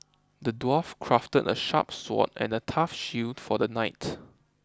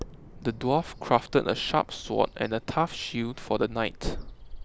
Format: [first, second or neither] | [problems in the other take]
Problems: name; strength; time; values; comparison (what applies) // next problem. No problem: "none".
first | background sound (Bird vocalization, bird call, bird song); 13 dB below the speech